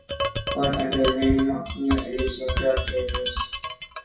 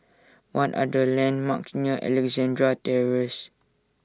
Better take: second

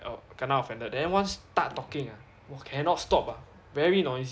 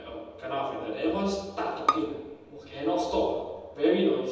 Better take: first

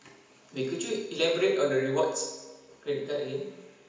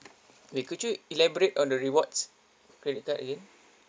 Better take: second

